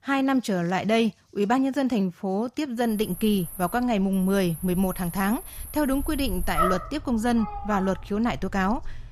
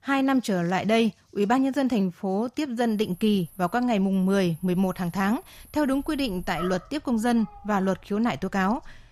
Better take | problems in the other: second | animal sounds; loud; from 3 s on; 9 dB below the speech; faint in the second

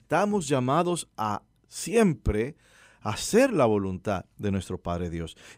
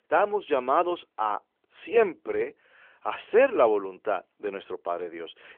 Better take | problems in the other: first | phone-call audio; nothing above 3.5 kHz

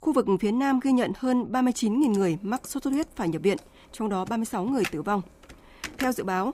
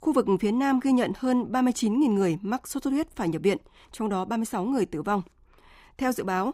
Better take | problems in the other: second | keyboard typing; noticeable; from 2 s on; peak 9 dB below the speech

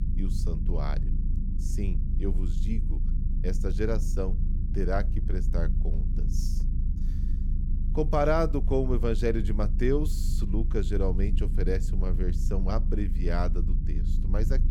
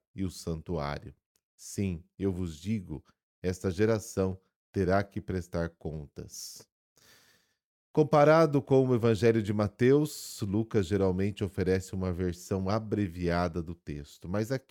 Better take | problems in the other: second | low rumble; noticeable; throughout; 15 dB below the speech

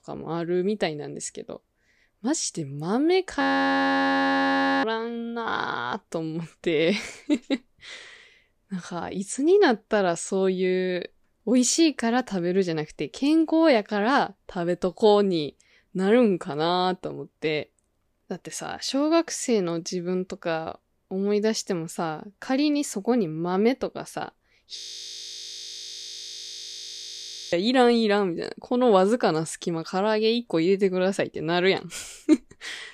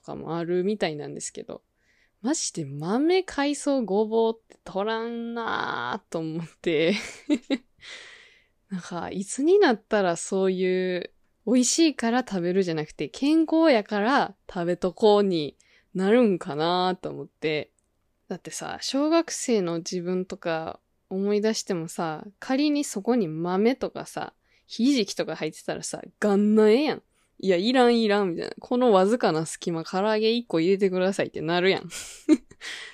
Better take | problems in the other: second | audio freezing; at 3.5 s for 1.5 s and at 25 s for 3 s

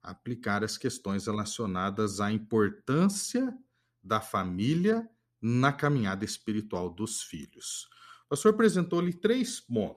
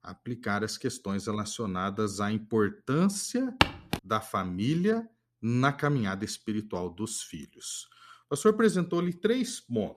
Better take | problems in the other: first | footsteps; very faint; at 3.5 s; peak 3 dB above the speech

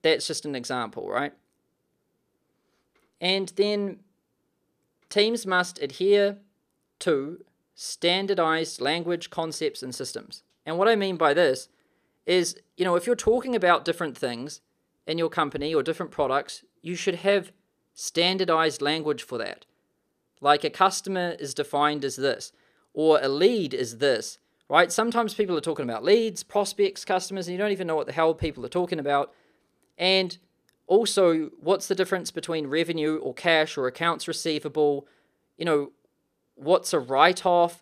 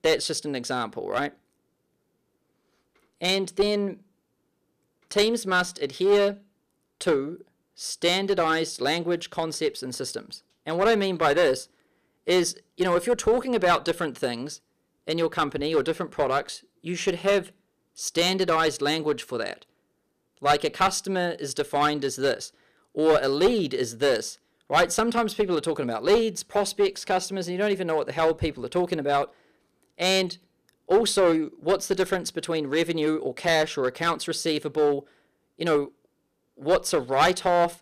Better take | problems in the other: first | distortion; slight; 3% of the sound clipped

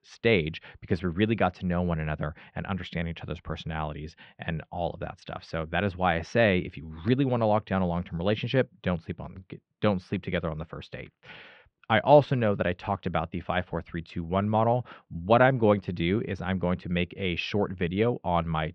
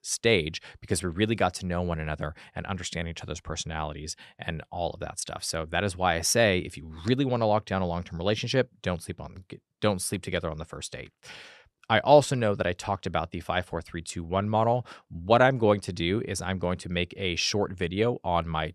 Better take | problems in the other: second | muffled; very; fading above 3 kHz

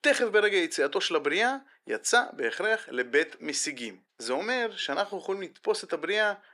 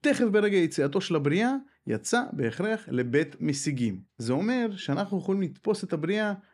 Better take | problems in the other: second | thin; very; fading below 450 Hz

